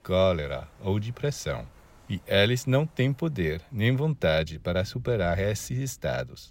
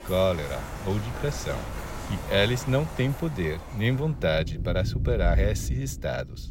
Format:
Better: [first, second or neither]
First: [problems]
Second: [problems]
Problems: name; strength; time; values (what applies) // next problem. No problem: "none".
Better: first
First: rain or running water; faint; throughout; 25 dB below the speech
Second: rain or running water; loud; throughout; 6 dB below the speech